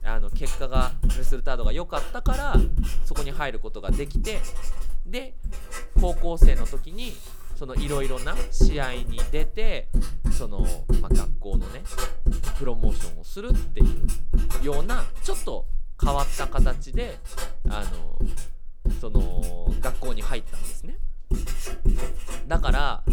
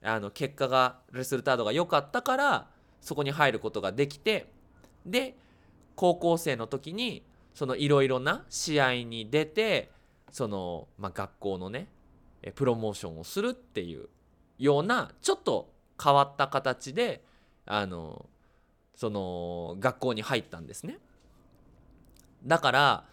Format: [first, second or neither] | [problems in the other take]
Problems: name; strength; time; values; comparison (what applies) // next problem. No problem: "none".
second | household noises; very loud; throughout; 4 dB above the speech